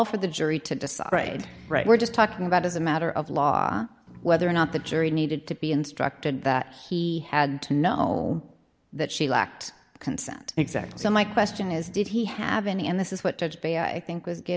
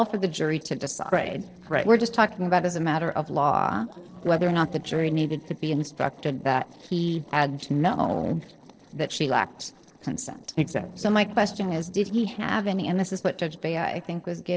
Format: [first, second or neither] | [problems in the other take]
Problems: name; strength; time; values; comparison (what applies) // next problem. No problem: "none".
first | noise reduction (neural separator model SepFormer DNS4)